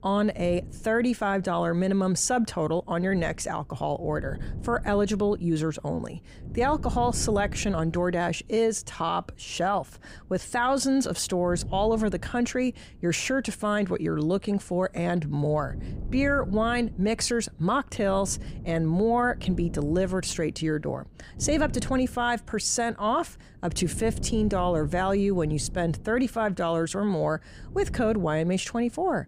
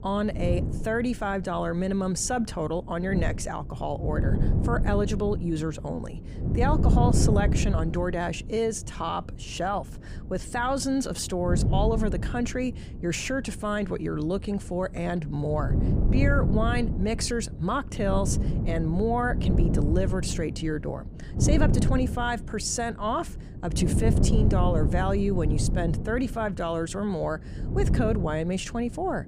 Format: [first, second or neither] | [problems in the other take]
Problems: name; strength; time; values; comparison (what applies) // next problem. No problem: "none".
first | wind noise on the microphone; heavy; 8 dB below the speech; occasional gusts in the first